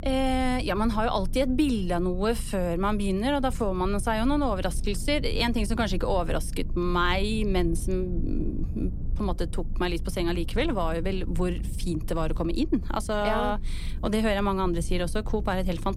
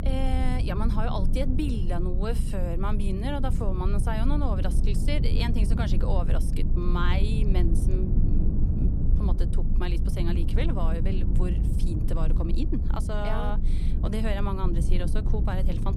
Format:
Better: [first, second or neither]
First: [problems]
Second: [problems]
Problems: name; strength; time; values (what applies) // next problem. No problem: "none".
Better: first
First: low rumble; faint; throughout; 20 dB below the speech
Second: low rumble; loud; throughout; 6 dB below the speech